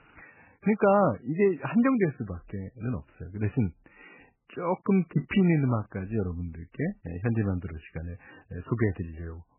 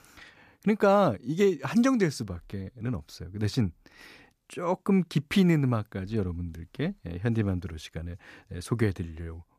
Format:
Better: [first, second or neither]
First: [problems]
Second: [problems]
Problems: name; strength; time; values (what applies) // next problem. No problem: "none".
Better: second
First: garbled, watery; badly; nothing above 3 kHz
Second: none